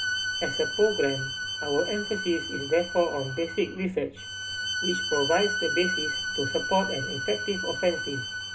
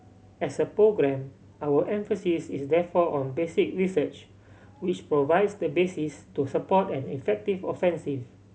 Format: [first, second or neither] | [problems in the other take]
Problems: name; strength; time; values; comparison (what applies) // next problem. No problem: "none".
second | background sound (Bowed string instrument); 3 dB below the speech // room echo; dies away in 0.2 s